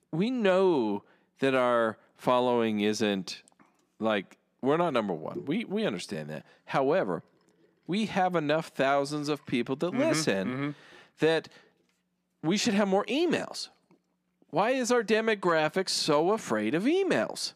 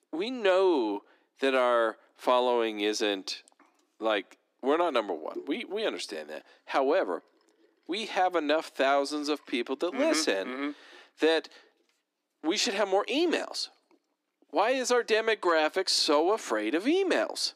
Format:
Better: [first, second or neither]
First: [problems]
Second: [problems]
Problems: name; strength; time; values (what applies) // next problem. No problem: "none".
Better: first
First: none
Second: thin; very slightly; fading below 300 Hz